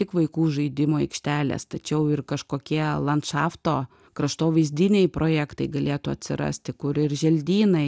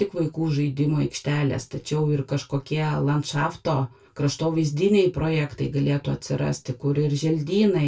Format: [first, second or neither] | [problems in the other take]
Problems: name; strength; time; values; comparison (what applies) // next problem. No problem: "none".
first | room echo; dies away in 0.2 s